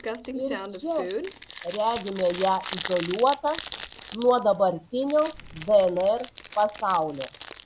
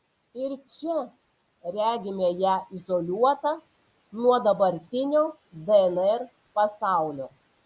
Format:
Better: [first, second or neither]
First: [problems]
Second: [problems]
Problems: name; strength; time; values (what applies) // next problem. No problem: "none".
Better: second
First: background sound (Crumpling, crinkling); 12 dB below the speech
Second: none